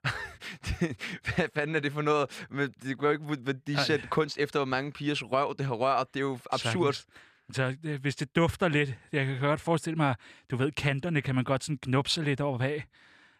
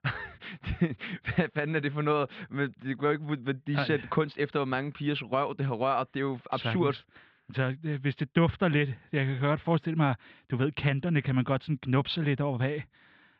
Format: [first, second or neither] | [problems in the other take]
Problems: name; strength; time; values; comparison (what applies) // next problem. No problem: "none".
first | muffled; slightly; fading above 3.5 kHz